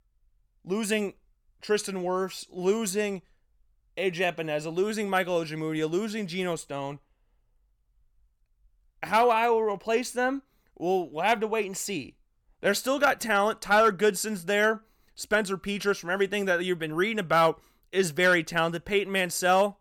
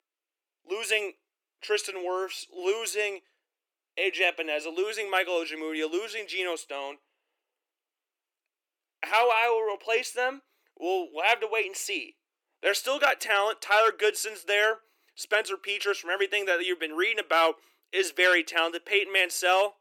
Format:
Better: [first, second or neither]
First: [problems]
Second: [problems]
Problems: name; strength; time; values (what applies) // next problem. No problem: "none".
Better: first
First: none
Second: thin; very; fading below 300 Hz